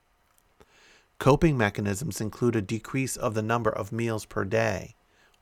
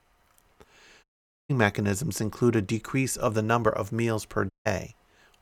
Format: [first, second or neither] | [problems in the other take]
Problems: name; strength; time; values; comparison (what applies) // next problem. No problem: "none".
first | audio cutting out; at 1 s and at 4.5 s